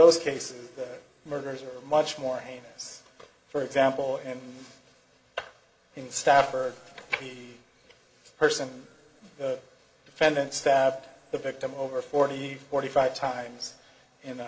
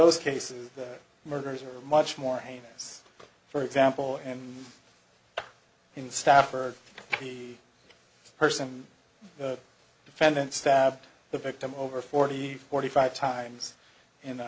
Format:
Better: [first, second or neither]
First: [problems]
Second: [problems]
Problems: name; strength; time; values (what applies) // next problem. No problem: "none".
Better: second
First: room echo; dies away in 1.1 s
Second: none